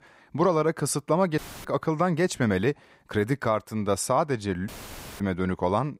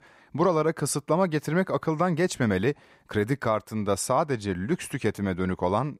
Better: second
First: audio cutting out; filled with static; at 1.5 s and at 4.5 s for 0.5 s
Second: none

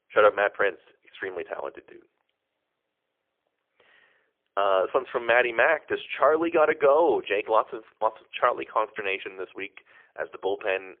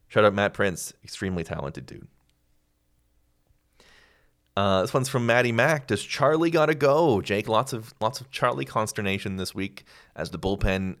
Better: second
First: phone-call audio; poor line; nothing above 3.5 kHz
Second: none

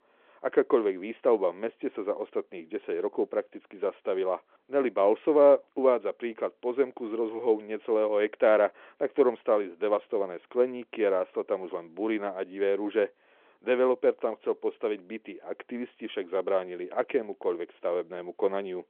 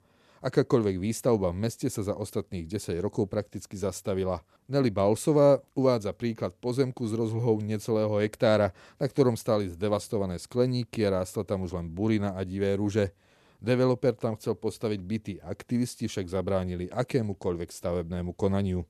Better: second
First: phone-call audio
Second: none

